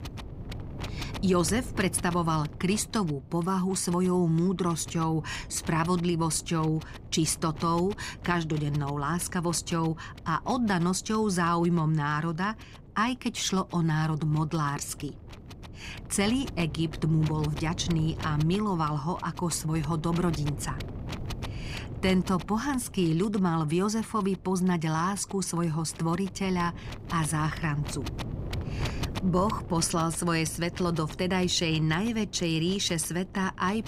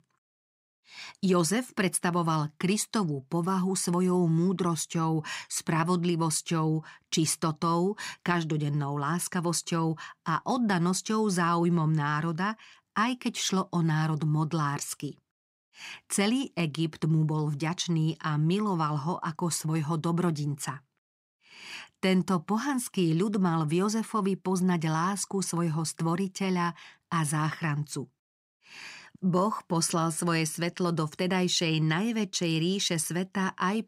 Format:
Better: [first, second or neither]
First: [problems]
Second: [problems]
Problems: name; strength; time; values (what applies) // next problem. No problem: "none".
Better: second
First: wind noise on the microphone; occasional gusts; 15 dB below the speech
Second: none